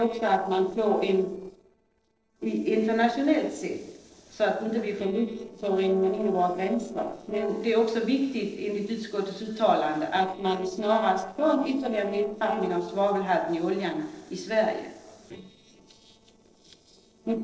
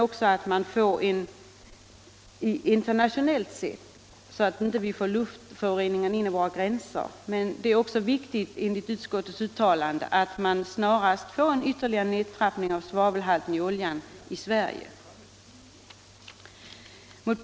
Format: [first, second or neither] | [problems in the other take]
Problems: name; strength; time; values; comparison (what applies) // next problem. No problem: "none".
second | noise reduction (neural separator model SepFormer DNS4)